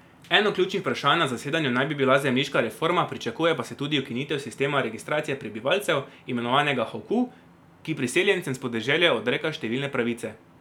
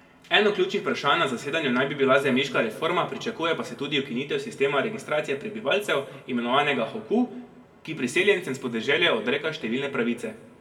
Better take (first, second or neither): first